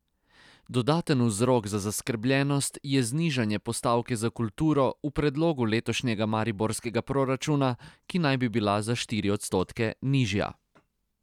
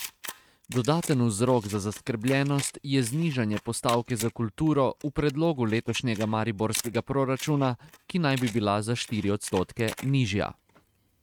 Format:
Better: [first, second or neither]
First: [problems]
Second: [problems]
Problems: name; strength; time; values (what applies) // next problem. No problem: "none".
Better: first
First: none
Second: noise reduction (neural mask model RNNoise)